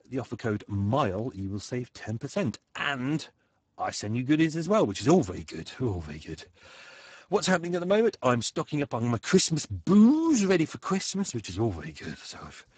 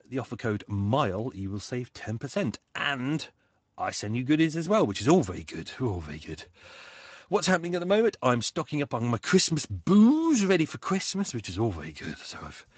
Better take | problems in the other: second | garbled, watery; badly; nothing above 8 kHz; slightly in the second

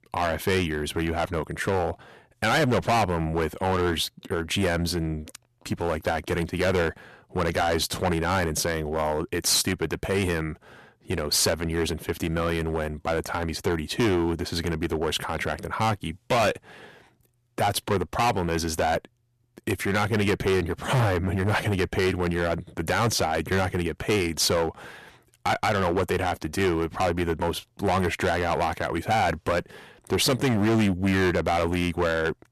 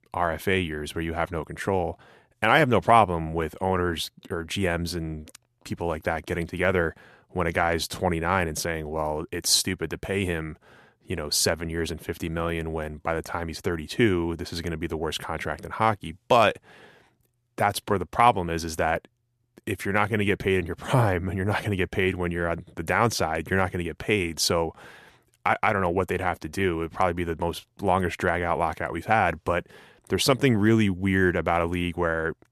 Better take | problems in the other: second | distortion; heavy; 10% of the sound clipped

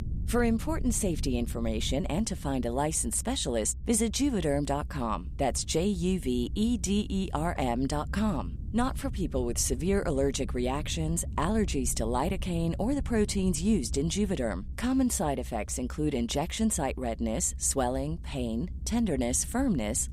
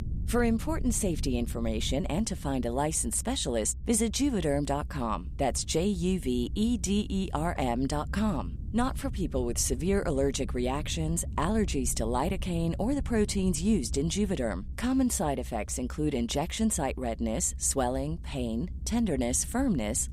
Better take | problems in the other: neither | low rumble; faint; throughout; 20 dB below the speech; the same in both

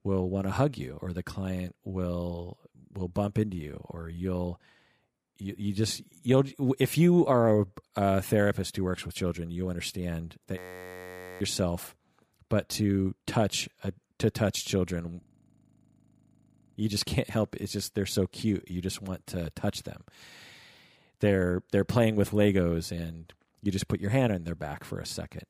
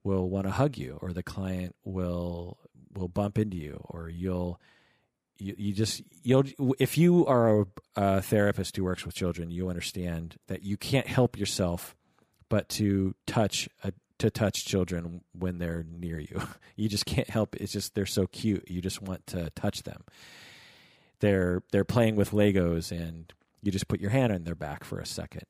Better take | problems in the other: second | audio freezing; at 11 s for 1 s and at 15 s for 1.5 s

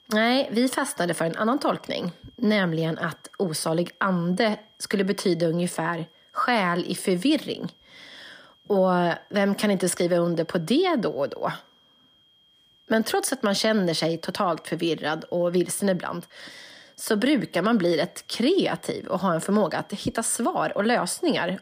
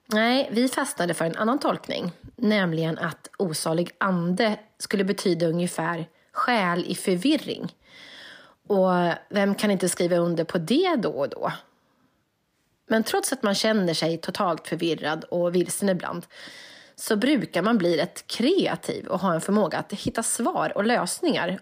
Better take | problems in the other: second | high-pitched whine; faint; throughout; 3 kHz, 30 dB below the speech

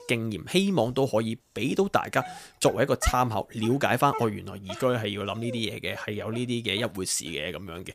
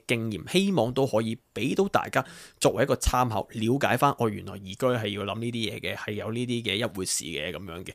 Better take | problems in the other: second | dog barking; noticeable; until 7 s; peak 7 dB below the speech

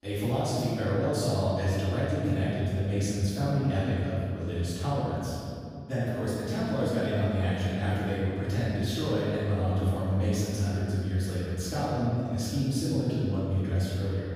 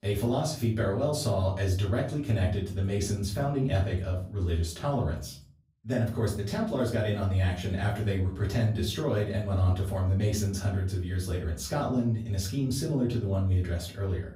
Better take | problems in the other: second | room echo; strong; dies away in 2.4 s; slight in the second // off-mic speech; far; far in the second

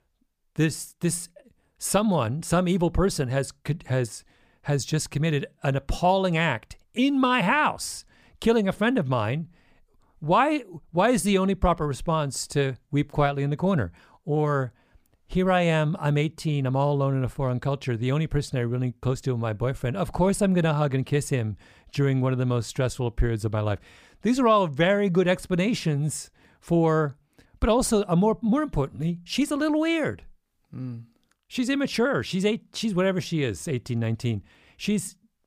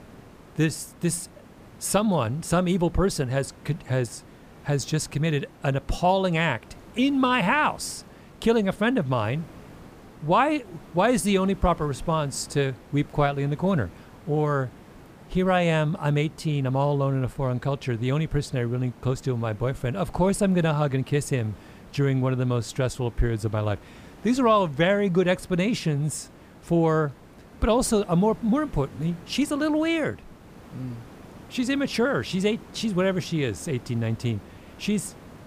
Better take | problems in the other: first | hiss; faint; throughout; 20 dB below the speech

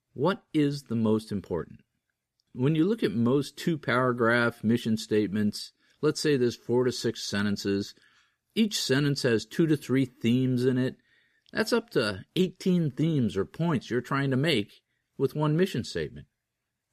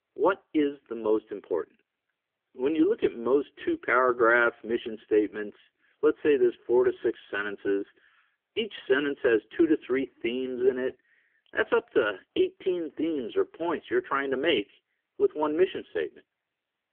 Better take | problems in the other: first | phone-call audio; poor line; nothing above 3.5 kHz

